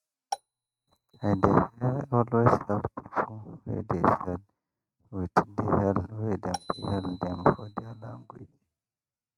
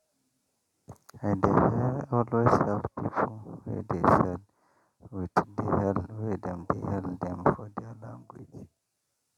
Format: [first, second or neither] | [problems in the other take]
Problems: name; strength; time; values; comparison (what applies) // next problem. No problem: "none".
second | noise reduction (neural mask model RNNoise)